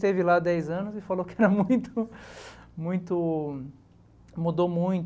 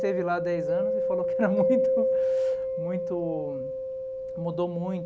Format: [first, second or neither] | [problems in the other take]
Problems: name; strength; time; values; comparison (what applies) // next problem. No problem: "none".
first | background sound (Mallet percussion); 4 dB above the speech